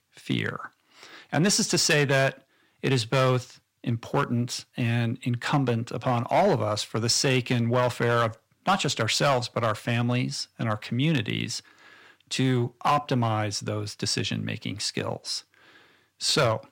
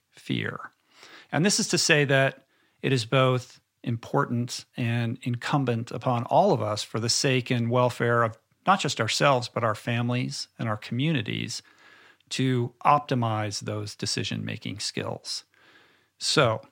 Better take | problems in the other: second | distortion; slight; 4% of the sound clipped

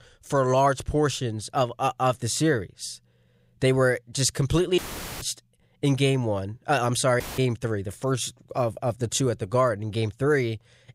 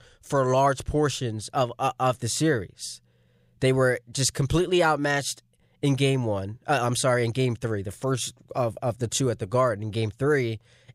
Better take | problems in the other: second | audio cutting out; filled with static; at 5 s and at 7 s

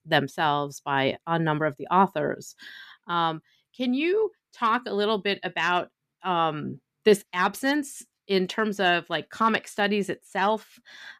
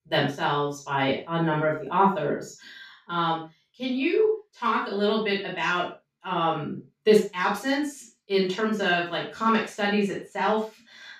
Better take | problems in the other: first | room echo; noticeable; dies away in 0.3 s // off-mic speech; far

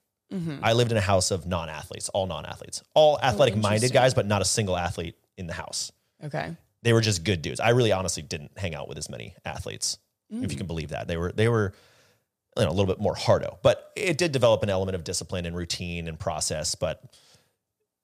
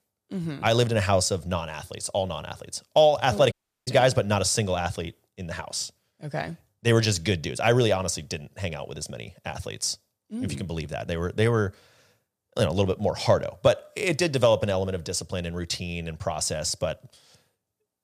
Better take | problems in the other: first | audio cutting out; at 3.5 s

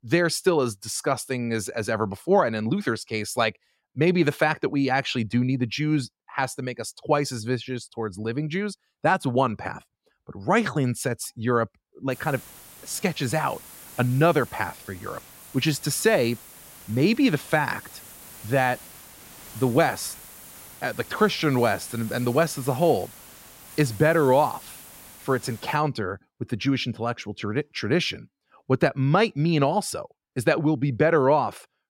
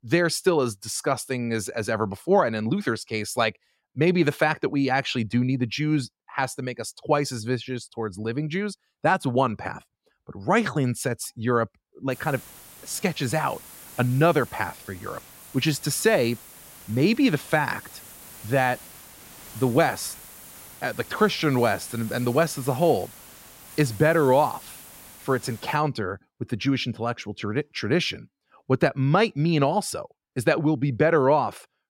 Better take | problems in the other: neither | hiss; noticeable; from 12 to 26 s; 20 dB below the speech; the same in both

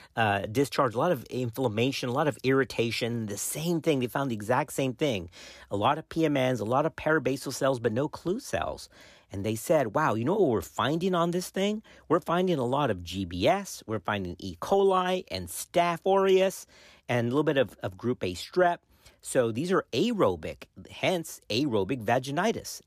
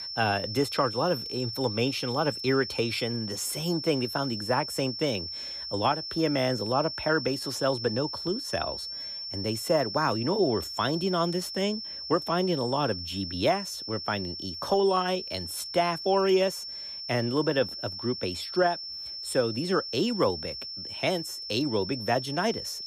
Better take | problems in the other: first | high-pitched whine; loud; throughout; 5.5 kHz, 6 dB below the speech

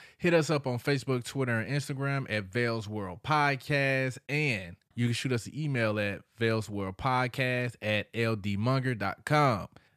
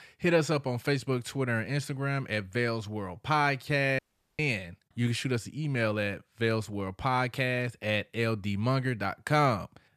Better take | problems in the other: first | audio cutting out; at 4 s

